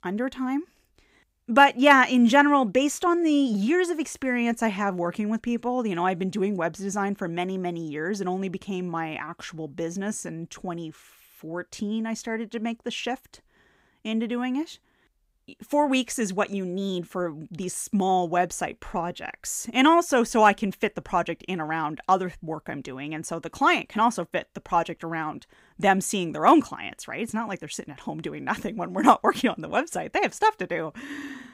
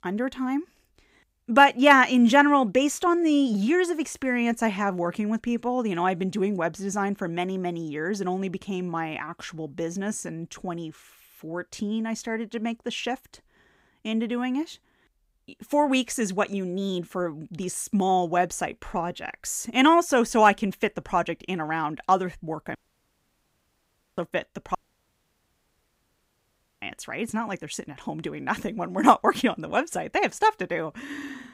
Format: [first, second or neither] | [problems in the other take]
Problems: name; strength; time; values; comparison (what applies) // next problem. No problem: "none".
first | audio cutting out; at 23 s for 1.5 s and at 25 s for 2 s